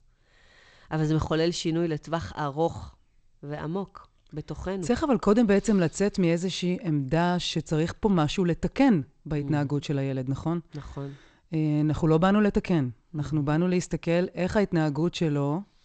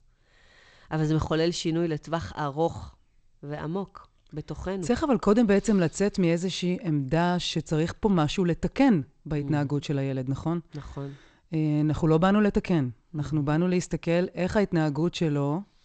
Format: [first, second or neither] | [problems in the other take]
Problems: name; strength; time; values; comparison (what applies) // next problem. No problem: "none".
neither | garbled, watery; slightly; nothing above 8 kHz; the same in both